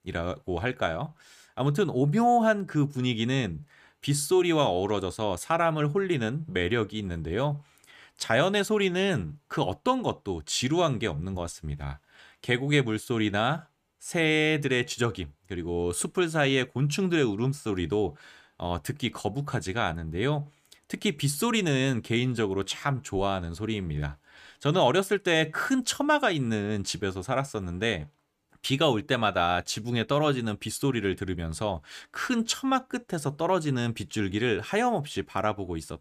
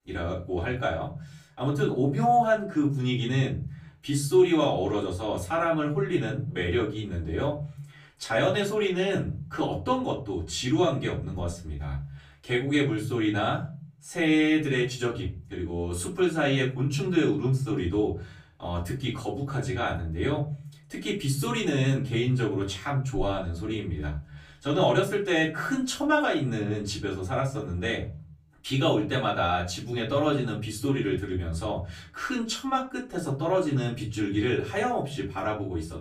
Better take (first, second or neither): first